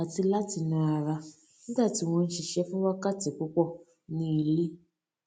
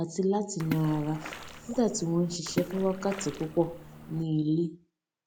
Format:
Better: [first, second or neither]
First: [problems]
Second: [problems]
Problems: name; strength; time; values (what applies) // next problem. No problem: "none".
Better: first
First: none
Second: background sound (Splash, splatter); 11 dB below the speech